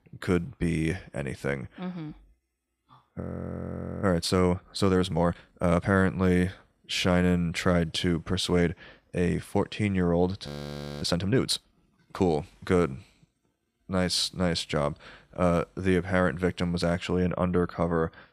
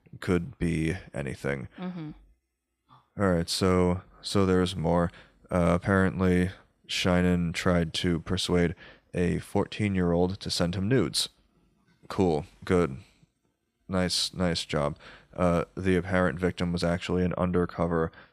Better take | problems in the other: second | audio freezing; at 3 s for 1 s and at 10 s for 0.5 s

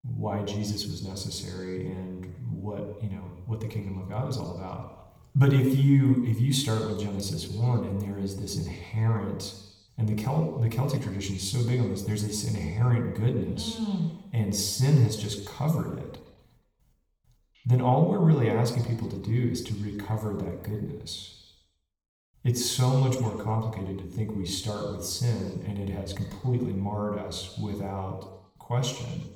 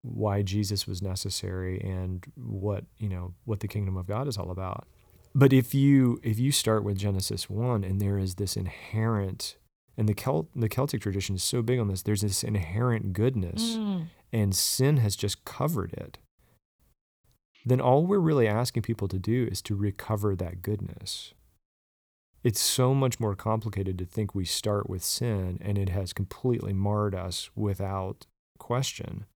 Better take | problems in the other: second | room echo; noticeable; dies away in 0.9 s // off-mic speech; somewhat distant

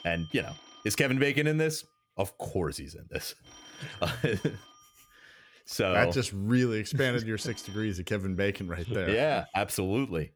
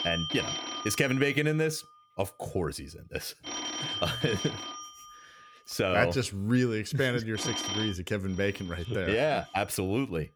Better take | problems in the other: first | alarms or sirens; loud; throughout; 5 dB below the speech; faint in the first

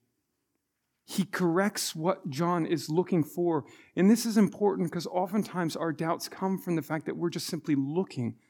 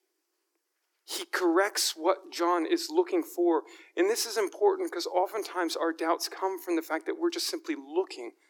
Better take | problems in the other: first | thin; very; fading below 350 Hz

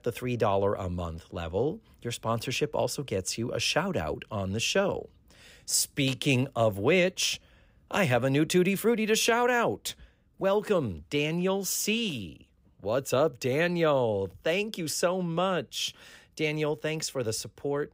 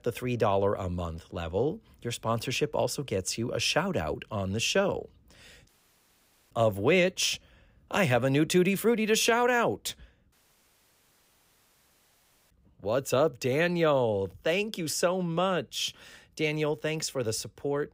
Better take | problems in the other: first | audio cutting out; at 5.5 s for 1 s and at 10 s for 2 s

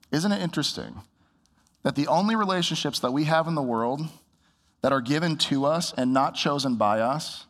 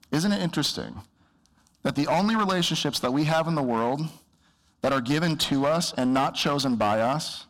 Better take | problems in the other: first | distortion; slight; 11% of the sound clipped

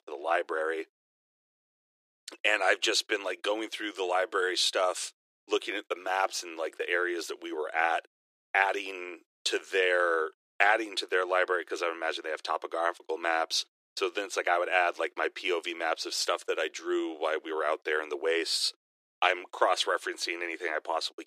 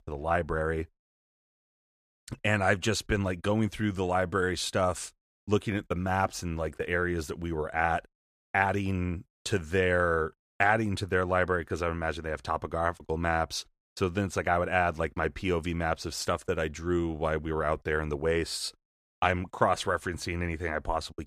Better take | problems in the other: second | thin; very; fading below 350 Hz

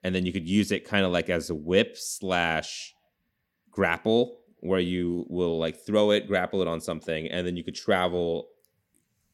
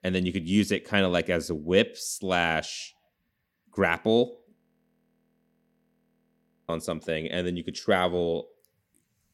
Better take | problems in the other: first | audio freezing; at 4.5 s for 2 s

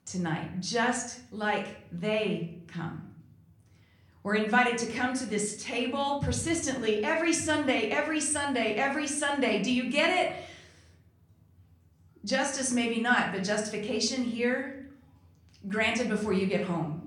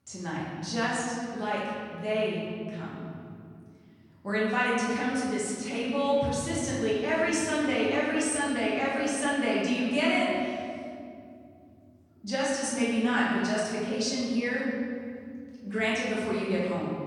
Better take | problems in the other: first | room echo; strong; dies away in 2.2 s; slight in the first // off-mic speech; far; somewhat distant in the first

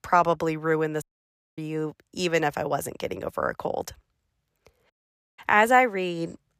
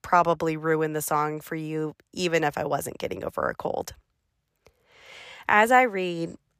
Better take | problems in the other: second | audio cutting out; at 1 s for 0.5 s and at 5 s

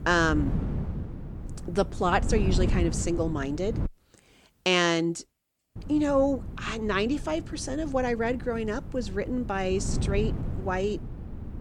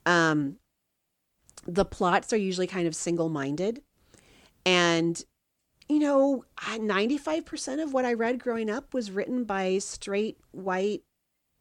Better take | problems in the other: second | wind noise on the microphone; occasional gusts; until 4 s and from 6 s on; 15 dB below the speech

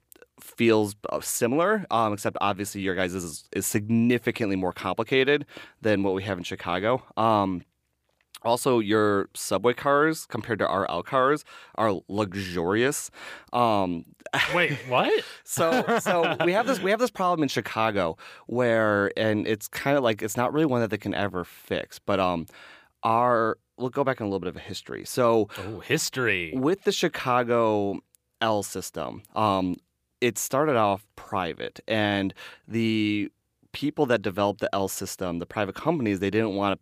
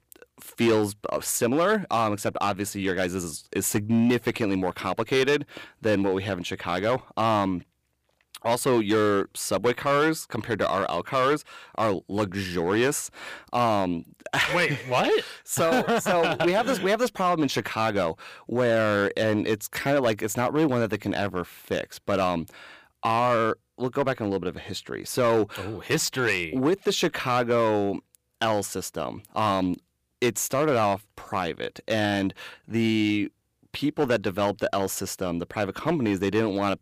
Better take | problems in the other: first | distortion; slight; 5% of the sound clipped

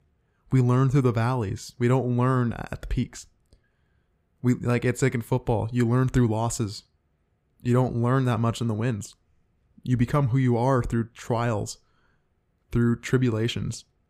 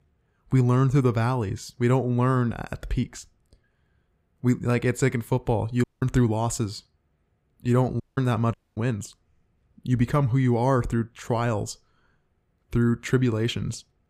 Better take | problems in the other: first | audio cutting out; at 6 s, at 8 s and at 8.5 s

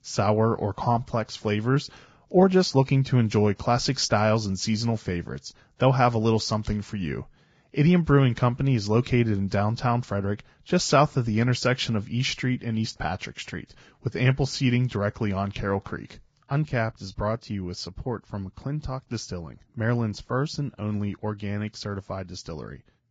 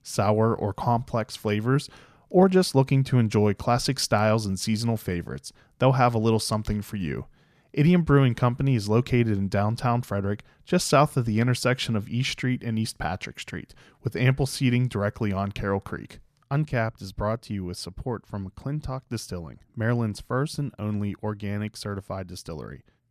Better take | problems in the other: second | garbled, watery; badly; nothing above 7.5 kHz

